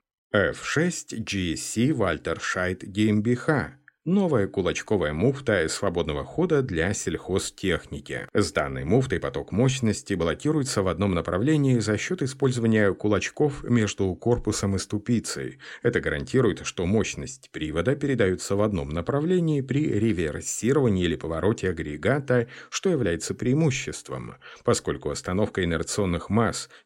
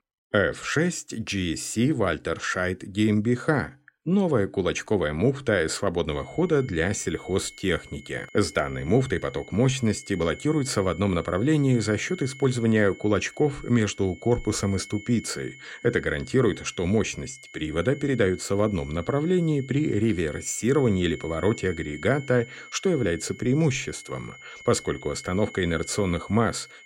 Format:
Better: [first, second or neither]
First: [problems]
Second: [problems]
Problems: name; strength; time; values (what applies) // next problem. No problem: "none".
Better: first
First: none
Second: high-pitched whine; noticeable; from 6 s on; 2 kHz, 20 dB below the speech